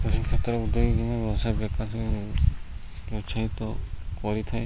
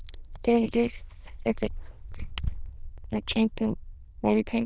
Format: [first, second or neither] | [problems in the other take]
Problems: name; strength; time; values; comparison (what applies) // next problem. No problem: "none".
first | noise reduction (neural diffusion model UNIVERSE++)